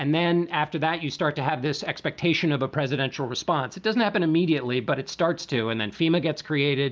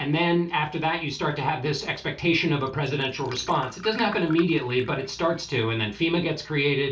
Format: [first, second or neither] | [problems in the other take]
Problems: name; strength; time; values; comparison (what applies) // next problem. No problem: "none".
first | background sound (Glass); 18 dB below the speech // room echo; dies away in 0.3 s